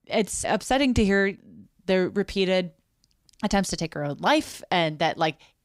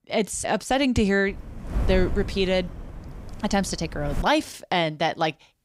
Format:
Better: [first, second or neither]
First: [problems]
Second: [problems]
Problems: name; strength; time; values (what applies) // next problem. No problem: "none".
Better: first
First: none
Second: wind noise on the microphone; occasional gusts; from 1.5 to 4 s; 20 dB below the speech